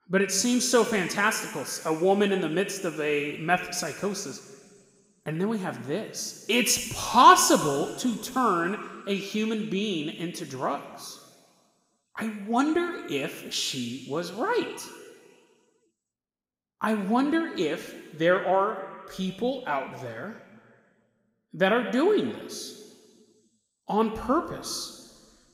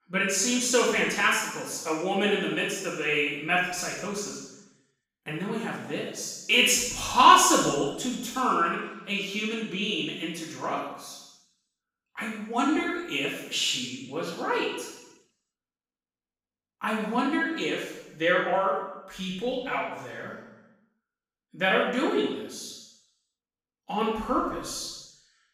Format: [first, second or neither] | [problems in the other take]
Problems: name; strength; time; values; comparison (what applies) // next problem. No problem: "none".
first | room echo; strong; dies away in 0.9 s; slight in the first // off-mic speech; far